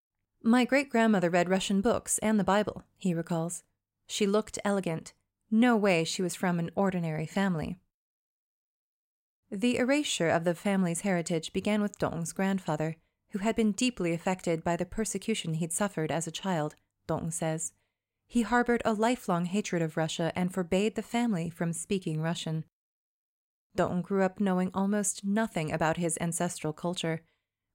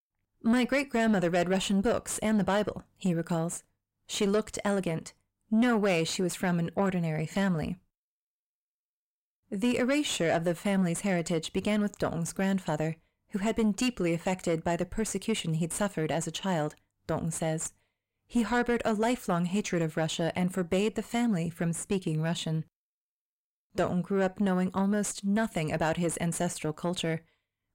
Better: first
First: none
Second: distortion; slight; 10 dB below the speech

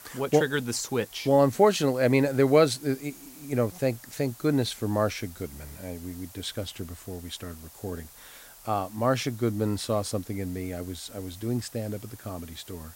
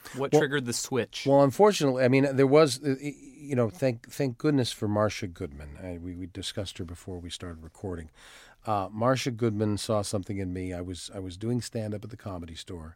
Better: second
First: hiss; faint; throughout; 20 dB below the speech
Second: none

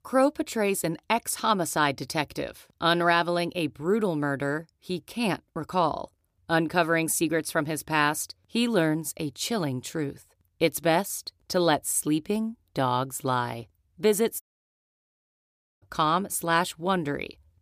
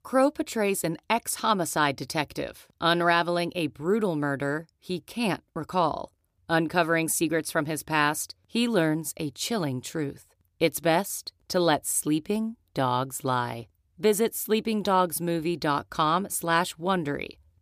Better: second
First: audio cutting out; at 14 s for 1.5 s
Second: none

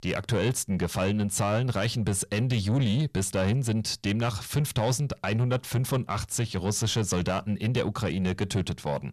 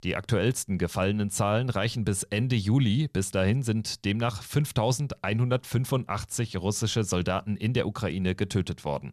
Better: second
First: distortion; slight; 10 dB below the speech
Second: none

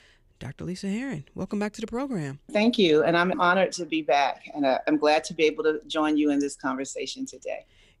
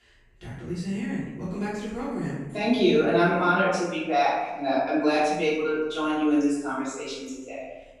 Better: first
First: none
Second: off-mic speech; far // room echo; noticeable; dies away in 0.9 s

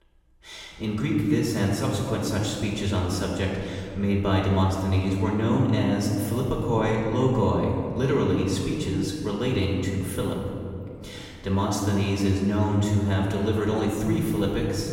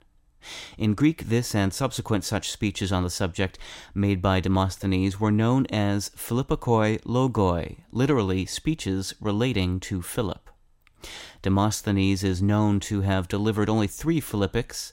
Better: second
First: room echo; noticeable; dies away in 2.3 s // off-mic speech; far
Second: none

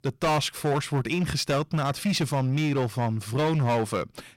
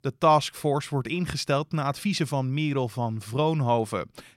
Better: second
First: distortion; heavy; 16% of the sound clipped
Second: none

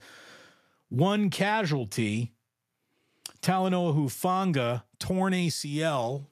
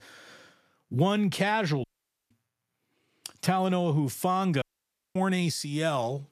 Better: first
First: none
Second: audio cutting out; at 2 s and at 4.5 s for 0.5 s

